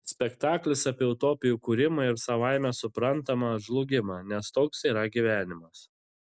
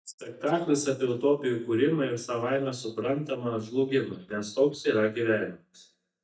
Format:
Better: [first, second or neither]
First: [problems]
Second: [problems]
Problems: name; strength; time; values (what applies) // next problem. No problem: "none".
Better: first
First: none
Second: noise reduction (neural mask model DeepFilterNet 3)